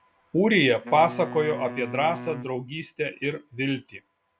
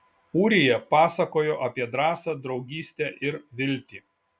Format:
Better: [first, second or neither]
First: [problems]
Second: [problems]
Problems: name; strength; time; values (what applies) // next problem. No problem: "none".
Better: second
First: background sound (Wind instrument, woodwind instrument); 14 dB below the speech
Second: none